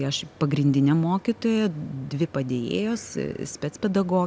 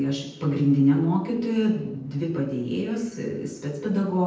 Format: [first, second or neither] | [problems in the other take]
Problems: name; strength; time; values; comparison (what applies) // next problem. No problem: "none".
first | noise reduction (neural separator model SepFormer DNS4)